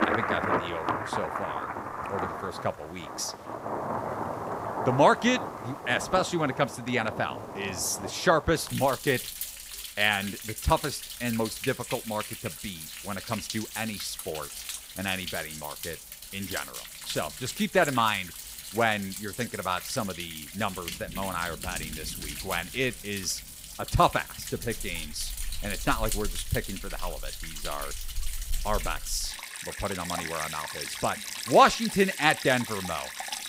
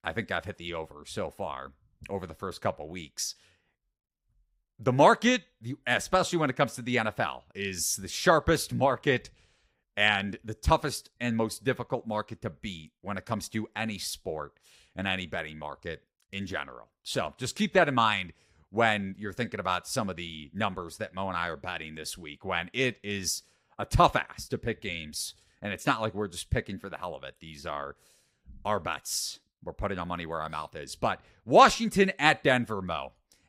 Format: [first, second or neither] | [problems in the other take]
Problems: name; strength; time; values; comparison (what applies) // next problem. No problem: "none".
second | rain or running water; loud; throughout; 7 dB below the speech